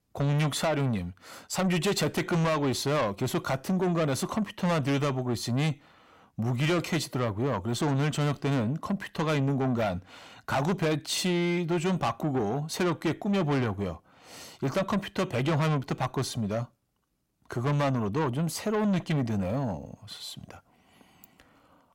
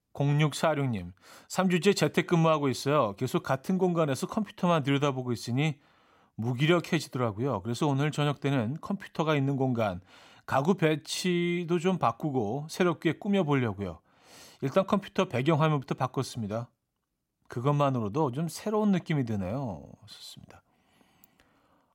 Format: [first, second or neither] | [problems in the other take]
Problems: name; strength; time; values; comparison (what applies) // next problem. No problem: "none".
second | distortion; heavy; 7 dB below the speech